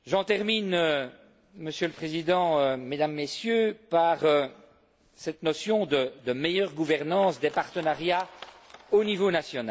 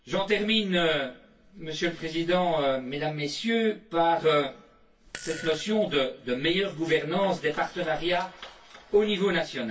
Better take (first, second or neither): first